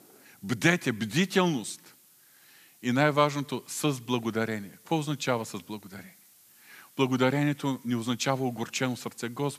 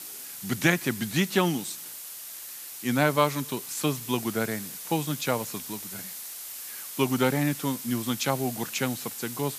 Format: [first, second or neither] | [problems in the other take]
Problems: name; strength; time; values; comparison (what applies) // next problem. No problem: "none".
first | hiss; loud; throughout; 9 dB below the speech; faint in the first